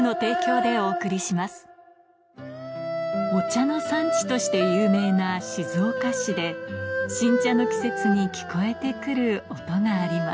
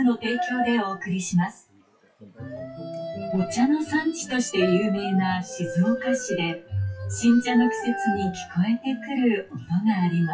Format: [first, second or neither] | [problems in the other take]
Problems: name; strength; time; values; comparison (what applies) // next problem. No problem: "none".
first | noise reduction (classical method WPE with log-MMSE)